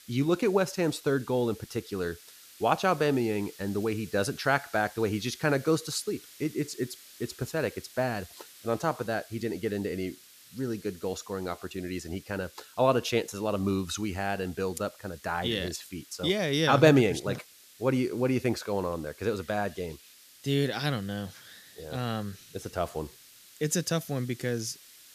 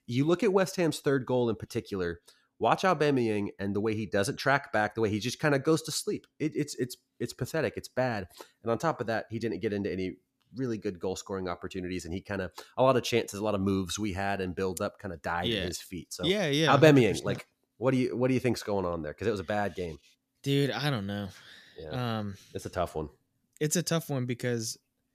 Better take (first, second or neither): second